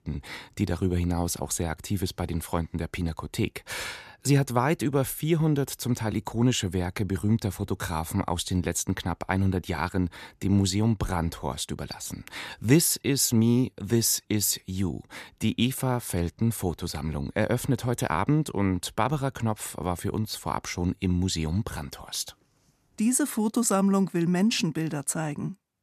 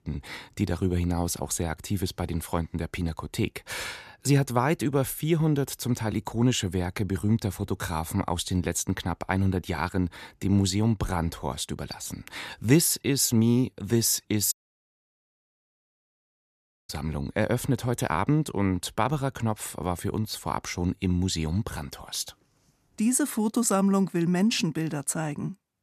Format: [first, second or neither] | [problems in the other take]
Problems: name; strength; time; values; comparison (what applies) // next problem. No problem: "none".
first | audio cutting out; at 15 s for 2.5 s